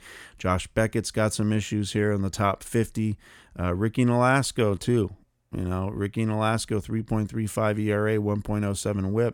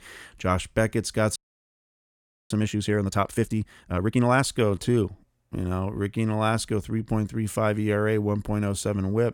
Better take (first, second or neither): first